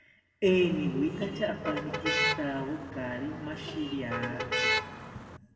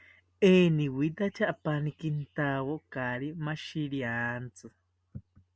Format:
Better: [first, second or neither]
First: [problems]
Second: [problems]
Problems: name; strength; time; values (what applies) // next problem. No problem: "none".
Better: second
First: background sound (Motor vehicle (road)); 2 dB below the speech // room echo; dies away in 2.2 s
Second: none